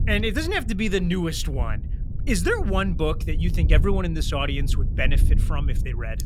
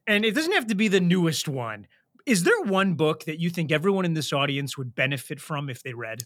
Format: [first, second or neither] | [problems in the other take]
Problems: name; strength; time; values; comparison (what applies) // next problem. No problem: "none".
second | wind noise on the microphone; occasional gusts; 15 dB below the speech